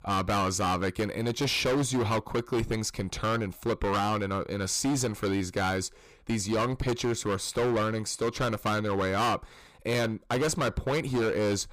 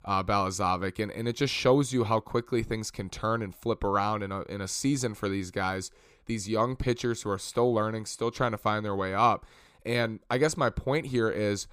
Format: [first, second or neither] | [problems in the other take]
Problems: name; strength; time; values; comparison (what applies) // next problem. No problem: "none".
second | distortion; heavy; 19% of the sound clipped